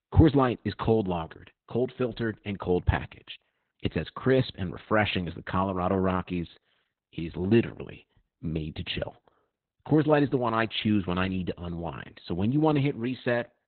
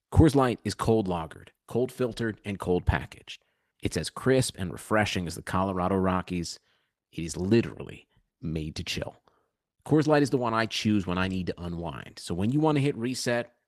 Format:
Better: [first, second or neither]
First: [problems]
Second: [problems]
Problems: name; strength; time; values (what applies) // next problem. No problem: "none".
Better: second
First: garbled, watery; badly; nothing above 4 kHz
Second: garbled, watery; slightly; nothing above 13.5 kHz